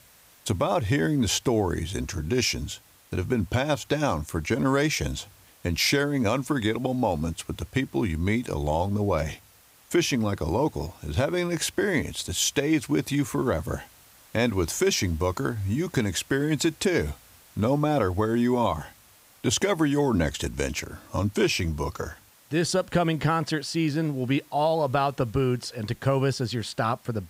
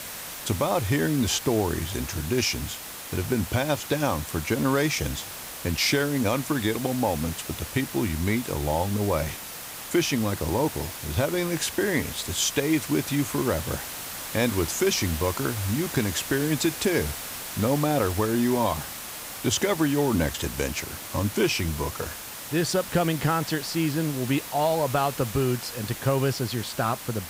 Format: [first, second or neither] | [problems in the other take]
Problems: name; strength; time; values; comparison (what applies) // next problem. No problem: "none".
first | hiss; loud; throughout; 8 dB below the speech; faint in the first